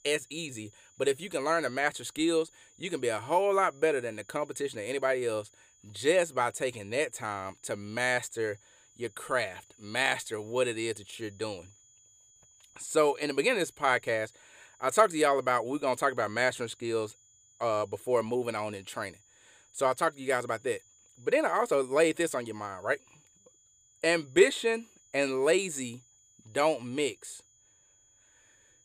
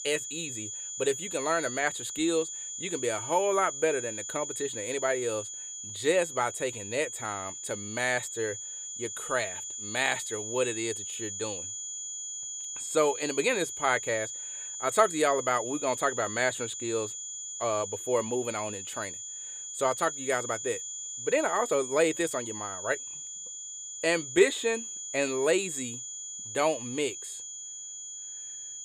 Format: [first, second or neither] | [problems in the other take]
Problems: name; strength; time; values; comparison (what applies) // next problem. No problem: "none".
first | high-pitched whine; loud; throughout; 7 kHz, 6 dB below the speech; faint in the first